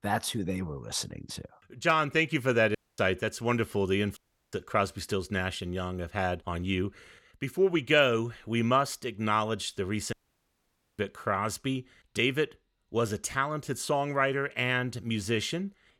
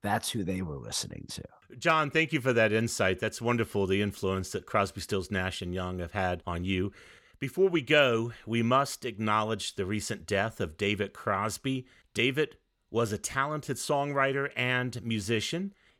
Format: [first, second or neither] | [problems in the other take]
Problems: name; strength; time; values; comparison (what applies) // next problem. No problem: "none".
second | audio cutting out; at 3 s, at 4 s and at 10 s for 1 s